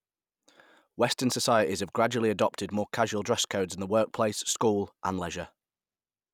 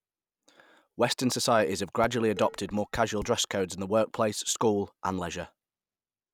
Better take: first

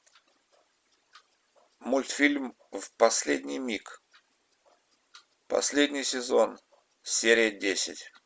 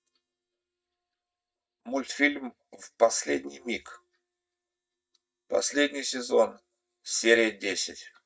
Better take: first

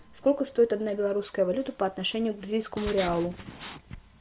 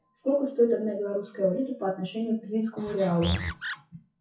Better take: first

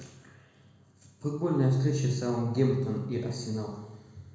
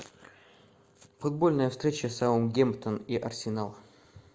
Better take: second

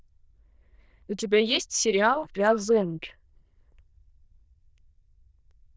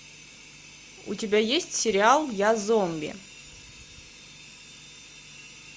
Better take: second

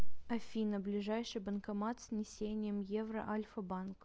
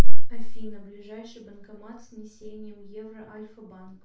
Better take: first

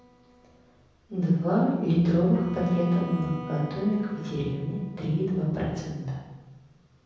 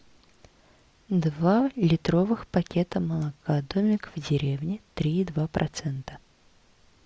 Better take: second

